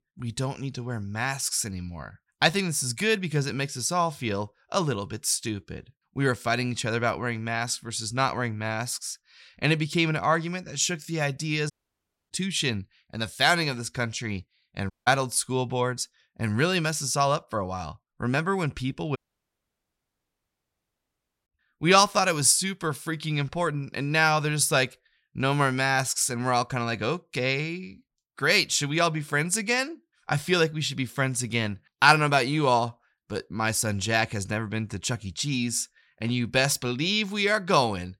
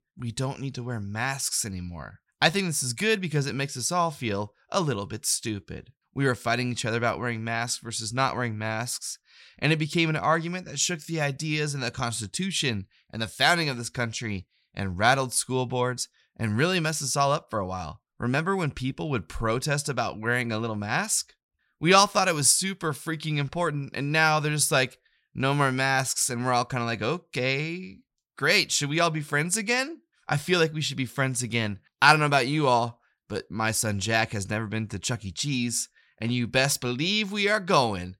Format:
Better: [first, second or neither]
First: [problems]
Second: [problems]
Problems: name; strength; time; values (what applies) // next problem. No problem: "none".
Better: second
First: audio cutting out; at 12 s for 0.5 s, at 15 s and at 19 s for 2.5 s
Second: none